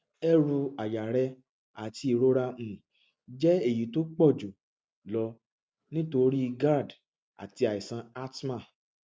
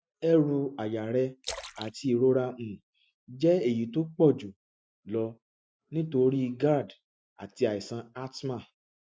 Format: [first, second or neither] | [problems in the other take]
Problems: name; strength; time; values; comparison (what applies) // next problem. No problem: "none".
first | noise reduction (classical method Wiener filter)